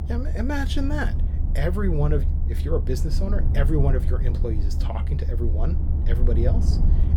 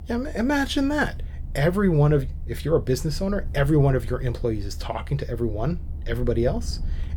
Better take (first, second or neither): second